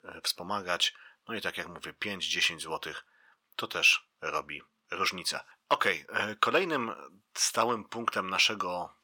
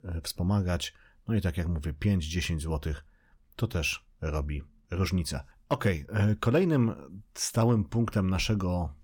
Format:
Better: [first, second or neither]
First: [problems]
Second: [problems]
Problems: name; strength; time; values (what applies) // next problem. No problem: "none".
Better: second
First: thin; very; fading below 450 Hz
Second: none